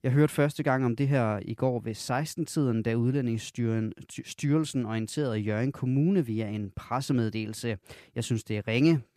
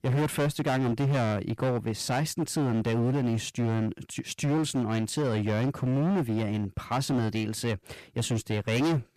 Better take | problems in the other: first | distortion; heavy; 21% of the sound clipped

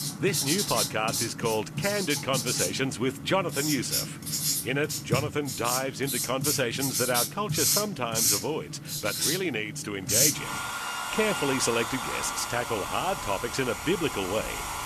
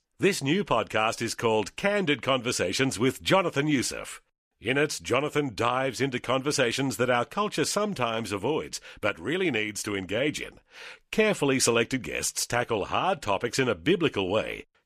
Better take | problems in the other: second | household noises; very loud; throughout; 1 dB above the speech

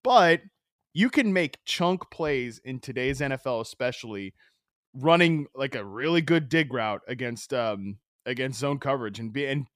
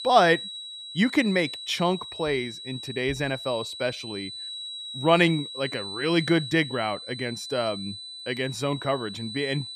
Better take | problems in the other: first | high-pitched whine; loud; throughout; 4 kHz, 9 dB below the speech

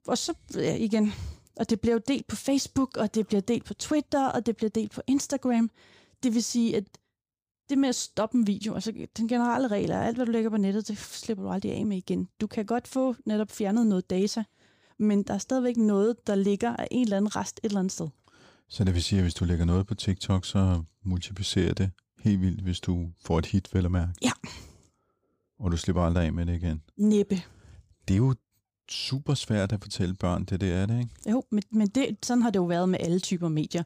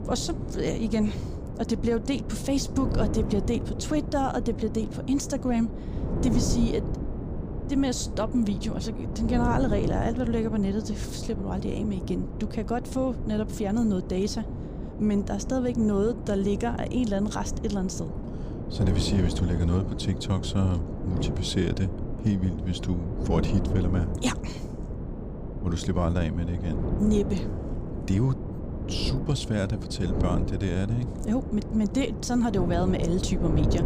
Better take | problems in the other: first | wind noise on the microphone; heavy; 7 dB below the speech

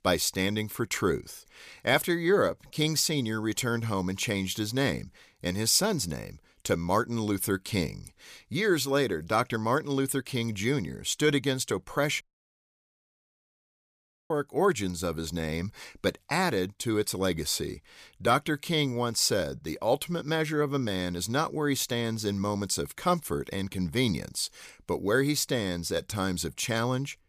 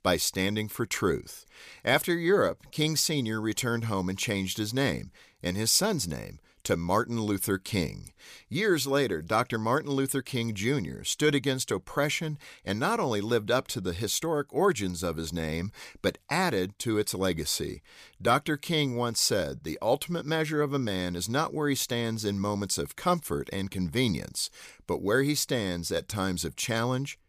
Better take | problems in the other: second | audio cutting out; at 12 s for 2 s

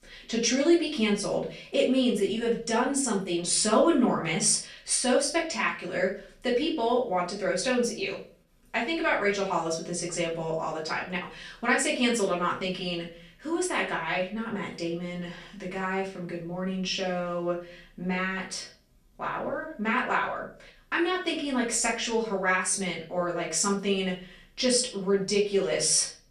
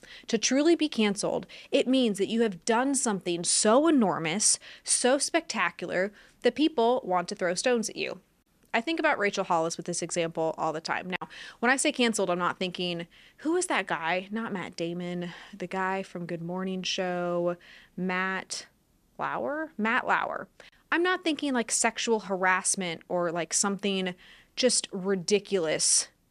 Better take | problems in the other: second | room echo; slight; dies away in 0.4 s // off-mic speech; far

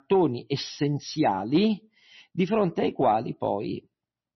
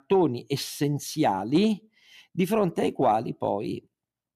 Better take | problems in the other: second | garbled, watery; slightly; nothing above 6 kHz

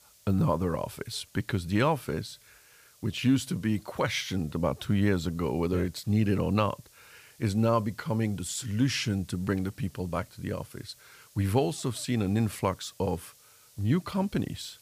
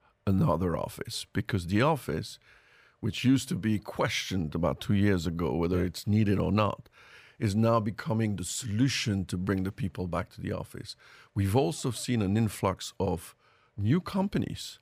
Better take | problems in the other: second | hiss; faint; throughout; 25 dB below the speech

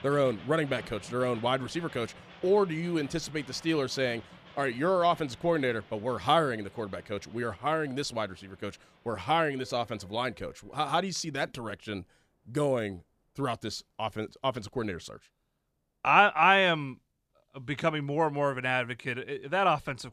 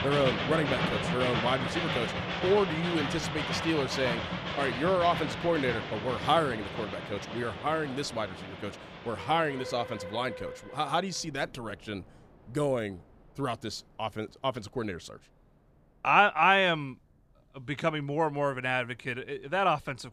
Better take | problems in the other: first | train or aircraft noise; loud; throughout; 4 dB below the speech; faint in the first

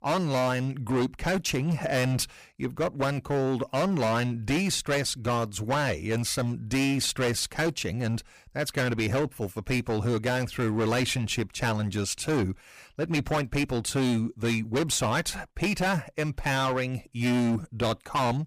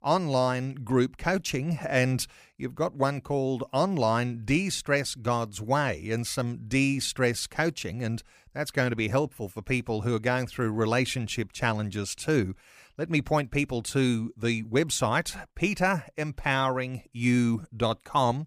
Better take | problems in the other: second | distortion; heavy; 16% of the sound clipped

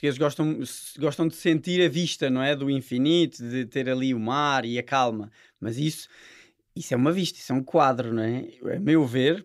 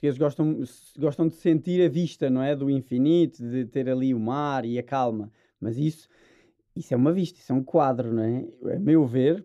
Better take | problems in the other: first | muffled; slightly; fading above 1 kHz

